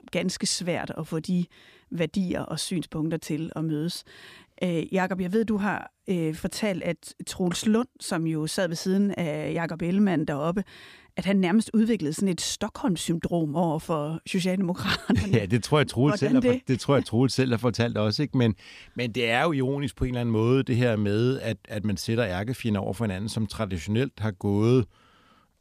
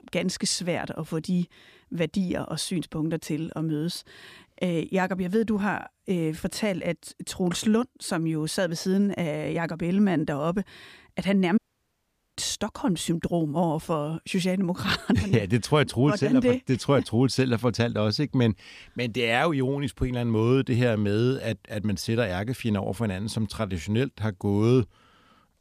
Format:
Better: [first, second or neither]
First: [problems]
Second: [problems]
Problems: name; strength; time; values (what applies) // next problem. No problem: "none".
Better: first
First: none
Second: audio cutting out; at 12 s for 1 s